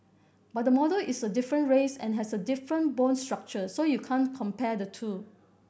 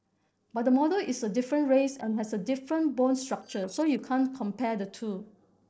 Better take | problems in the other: first | noise reduction (neural separator model SepFormer DNS4)

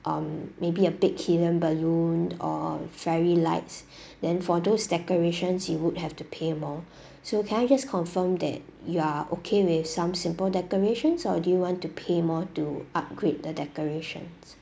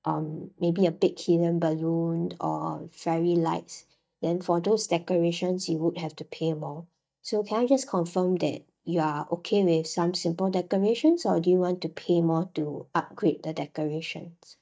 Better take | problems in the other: first | noise reduction (neural mask model DeepFilterNet 3)

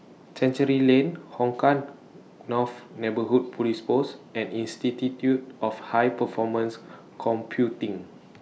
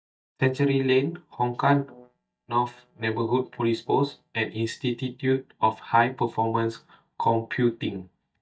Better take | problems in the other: first | noise reduction (neural mask model DeepFilterNet 3)

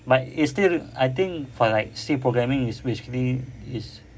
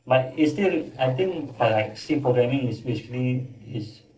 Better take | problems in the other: first | noise reduction (neural separator model SepFormer DNS4)

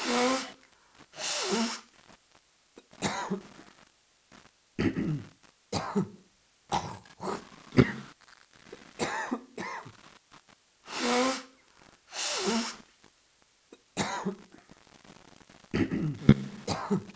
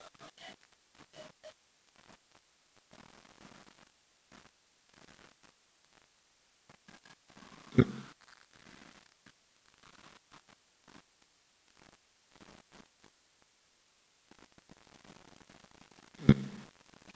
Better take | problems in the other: second | background sound (Cough); 2 dB above the speech

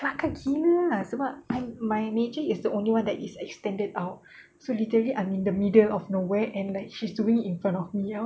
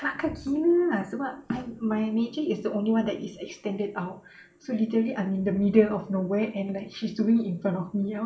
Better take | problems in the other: first | room echo; dies away in 0.5 s

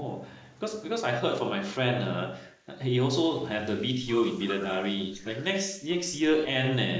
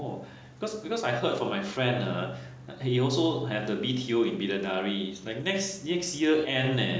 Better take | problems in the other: second | noise reduction (neural mask model Resemble Enhance denoiser)

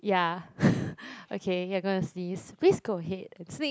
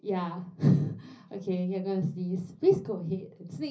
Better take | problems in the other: first | room echo; dies away in 0.5 s

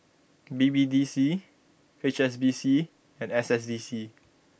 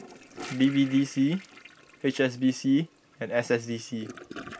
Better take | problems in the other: first | background sound (Toilet flush / Gurgling); 18 dB below the speech

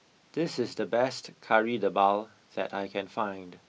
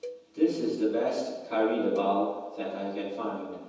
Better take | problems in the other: first | background sound (Cowbell); 19 dB below the speech // room echo; dies away in 1.1 s

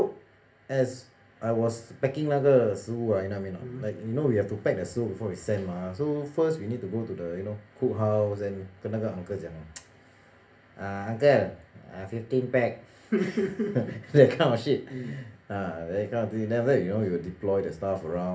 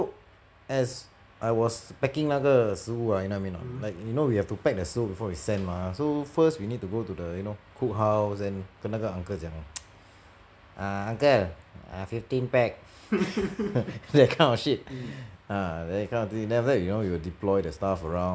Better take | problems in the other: second | room echo; dies away in 0.3 s

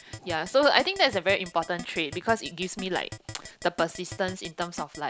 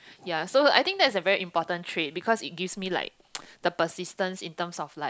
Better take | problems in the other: second | background sound (Keyboard (musical)); 16 dB below the speech

